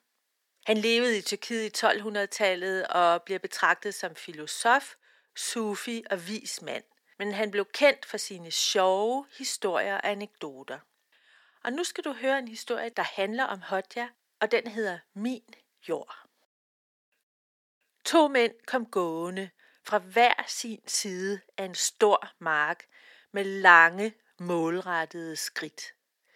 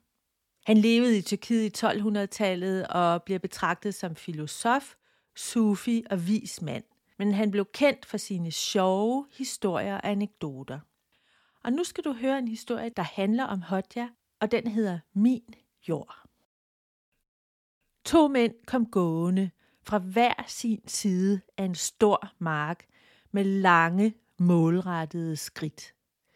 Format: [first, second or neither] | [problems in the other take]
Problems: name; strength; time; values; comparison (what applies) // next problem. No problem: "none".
second | thin; somewhat; fading below 500 Hz